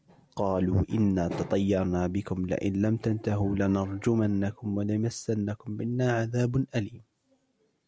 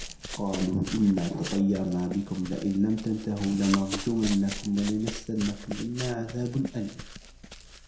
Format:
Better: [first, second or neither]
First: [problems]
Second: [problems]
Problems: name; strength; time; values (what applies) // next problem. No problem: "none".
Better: first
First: none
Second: background sound (Run); 11 dB below the speech // room echo; dies away in 0.6 s